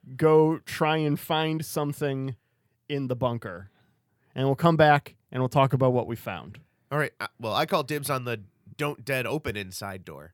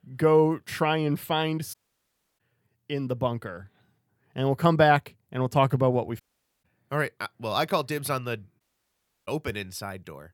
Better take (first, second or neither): first